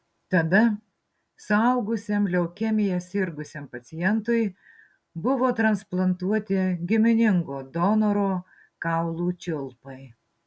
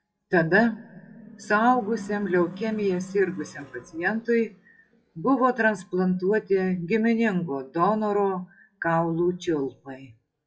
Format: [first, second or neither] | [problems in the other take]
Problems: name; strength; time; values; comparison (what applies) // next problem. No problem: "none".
first | noise reduction (classical method WPE with log-MMSE)